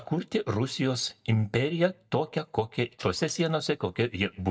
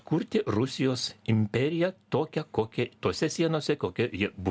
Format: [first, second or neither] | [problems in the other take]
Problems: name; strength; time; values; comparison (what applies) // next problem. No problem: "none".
second | noise reduction (neural mask model DeepFilterNet 3)